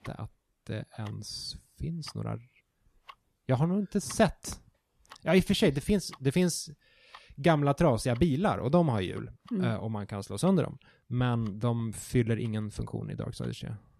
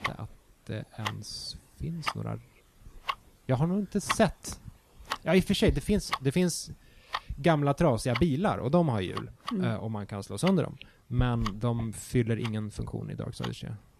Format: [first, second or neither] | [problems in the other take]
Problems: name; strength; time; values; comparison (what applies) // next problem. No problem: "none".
first | household noises; loud; throughout; 9 dB below the speech; faint in the first